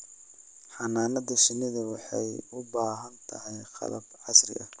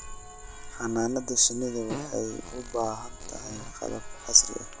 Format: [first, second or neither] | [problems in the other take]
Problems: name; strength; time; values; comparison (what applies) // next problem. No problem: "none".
first | background sound (Church bell + Fart); 11 dB below the speech